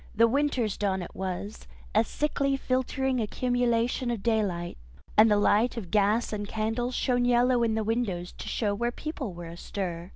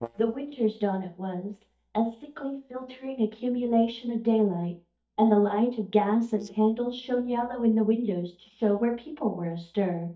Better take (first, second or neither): first